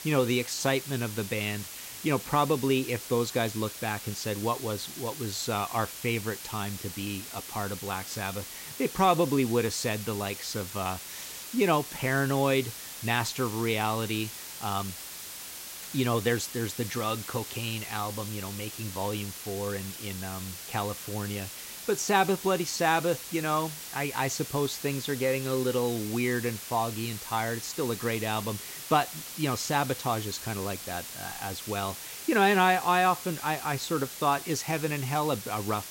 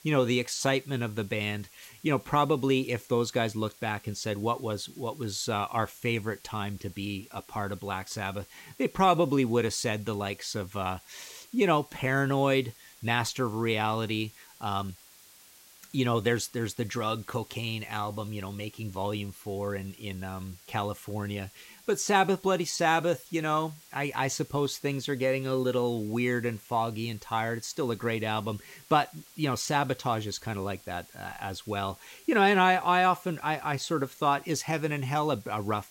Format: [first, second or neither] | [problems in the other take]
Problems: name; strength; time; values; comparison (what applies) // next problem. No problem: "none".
second | hiss; loud; throughout; 9 dB below the speech; faint in the second